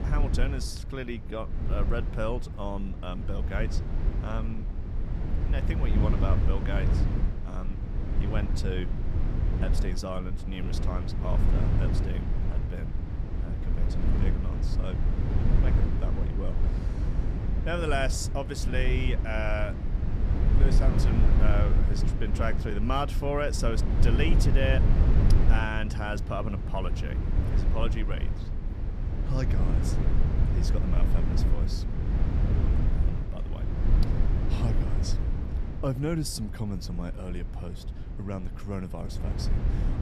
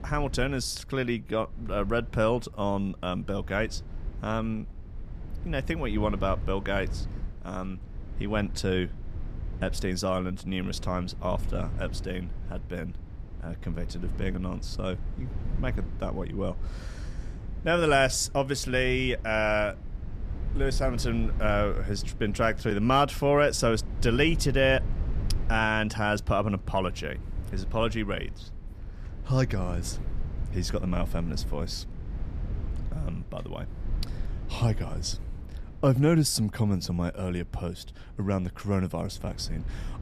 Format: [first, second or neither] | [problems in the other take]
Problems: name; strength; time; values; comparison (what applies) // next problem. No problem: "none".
second | low rumble; loud; throughout; 5 dB below the speech; faint in the second